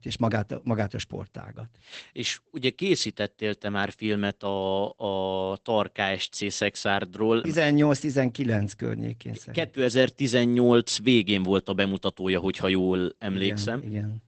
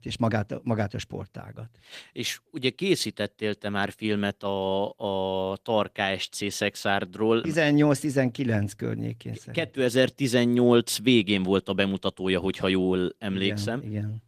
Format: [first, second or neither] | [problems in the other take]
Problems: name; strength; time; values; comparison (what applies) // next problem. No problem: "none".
second | garbled, watery; badly; nothing above 8 kHz; slightly in the second